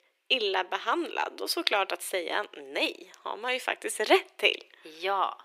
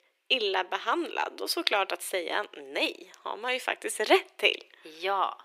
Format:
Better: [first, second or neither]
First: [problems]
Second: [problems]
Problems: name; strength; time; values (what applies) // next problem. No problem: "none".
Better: neither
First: thin; very; fading below 350 Hz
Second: thin; very; fading below 350 Hz